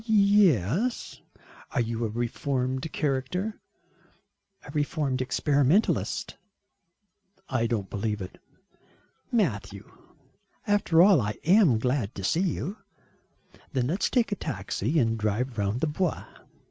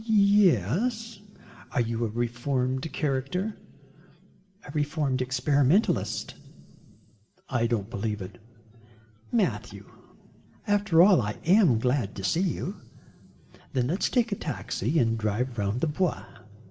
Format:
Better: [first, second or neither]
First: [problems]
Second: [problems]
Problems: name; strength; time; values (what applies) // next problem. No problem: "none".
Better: first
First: none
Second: room echo; dies away in 2.3 s